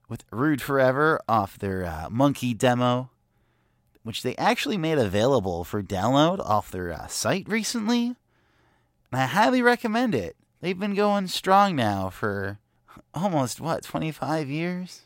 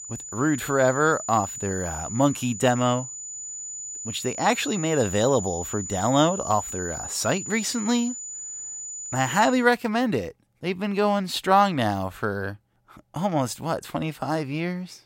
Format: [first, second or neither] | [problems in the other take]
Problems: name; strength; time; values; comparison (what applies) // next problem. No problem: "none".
first | high-pitched whine; loud; until 9.5 s; 7 kHz, 8 dB below the speech